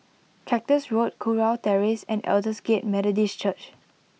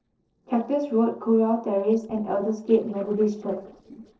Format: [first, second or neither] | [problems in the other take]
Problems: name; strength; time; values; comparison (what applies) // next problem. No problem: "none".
first | noise reduction (neural separator model SepFormer DNS4)